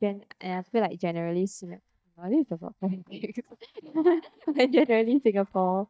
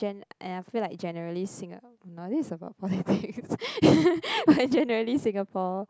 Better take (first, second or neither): second